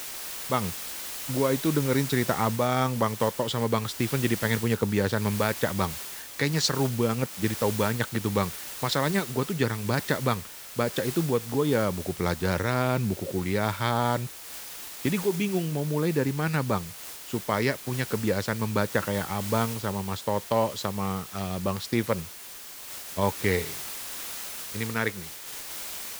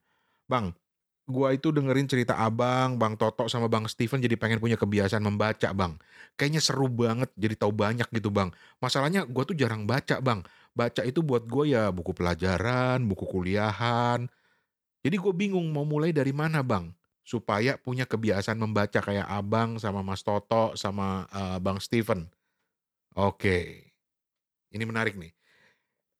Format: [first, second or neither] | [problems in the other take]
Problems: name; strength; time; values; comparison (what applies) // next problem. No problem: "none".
second | hiss; loud; throughout; 9 dB below the speech